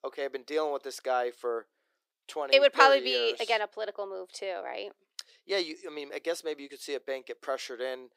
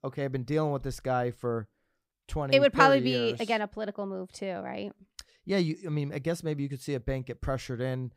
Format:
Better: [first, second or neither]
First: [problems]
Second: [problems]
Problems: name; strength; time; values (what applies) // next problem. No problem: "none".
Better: second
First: thin; very; fading below 350 Hz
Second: none